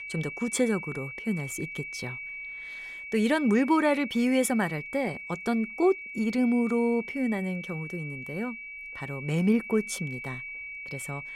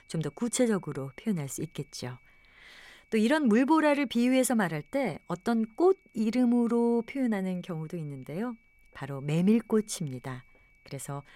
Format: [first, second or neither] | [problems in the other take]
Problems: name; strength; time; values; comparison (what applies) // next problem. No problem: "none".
second | high-pitched whine; loud; throughout; 2.5 kHz, 9 dB below the speech; faint in the second